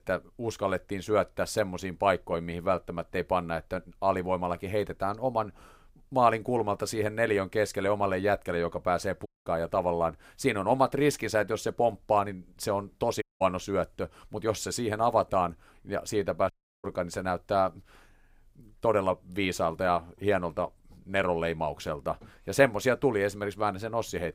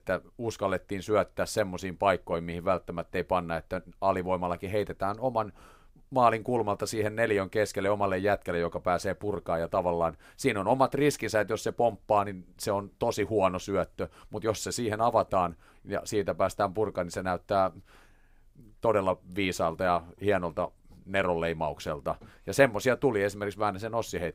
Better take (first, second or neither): second